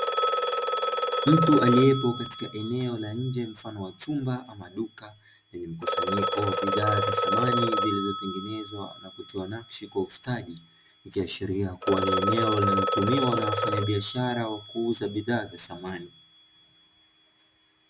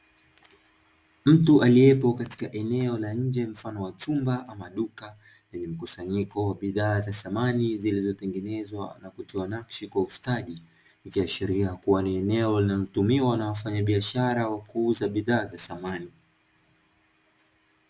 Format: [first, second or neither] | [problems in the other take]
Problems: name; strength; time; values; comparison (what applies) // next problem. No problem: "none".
second | background sound (Telephone); 1 dB below the speech